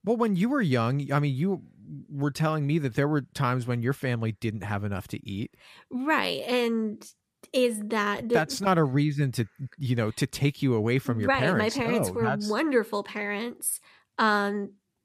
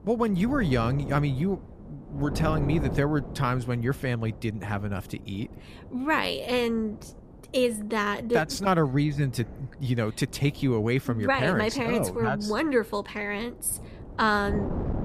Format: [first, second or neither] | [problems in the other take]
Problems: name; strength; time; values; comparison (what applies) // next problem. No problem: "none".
first | wind noise on the microphone; occasional gusts; 15 dB below the speech